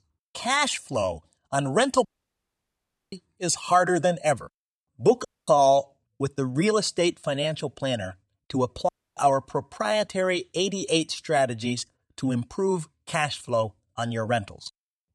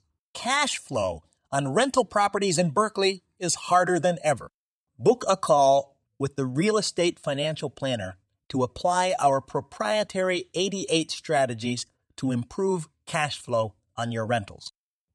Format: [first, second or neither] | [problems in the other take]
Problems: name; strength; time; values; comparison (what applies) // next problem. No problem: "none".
second | audio cutting out; at 2 s for 1 s, at 5.5 s and at 9 s